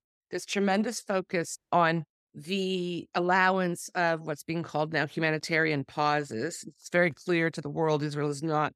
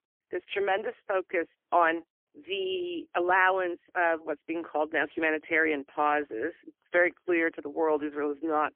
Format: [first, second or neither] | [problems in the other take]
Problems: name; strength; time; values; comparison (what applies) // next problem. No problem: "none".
first | phone-call audio; poor line; nothing above 3 kHz